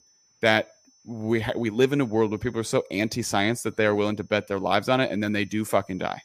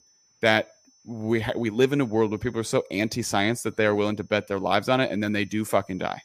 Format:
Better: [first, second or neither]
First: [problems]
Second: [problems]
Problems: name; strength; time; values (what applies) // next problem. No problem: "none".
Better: neither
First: high-pitched whine; faint; throughout; 6 kHz, 35 dB below the speech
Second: high-pitched whine; faint; throughout; 6 kHz, 35 dB below the speech